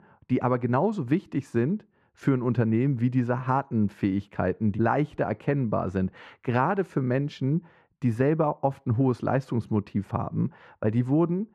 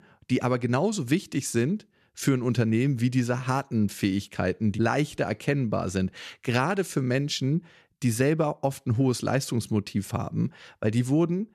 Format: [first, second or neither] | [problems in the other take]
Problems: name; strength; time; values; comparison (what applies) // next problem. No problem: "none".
second | muffled; very; fading above 3 kHz